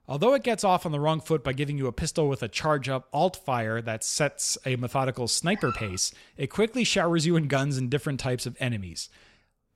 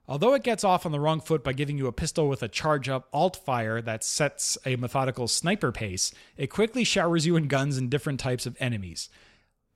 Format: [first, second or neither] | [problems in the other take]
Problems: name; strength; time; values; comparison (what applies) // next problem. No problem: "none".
second | dog barking; faint; at 5.5 s; peak 10 dB below the speech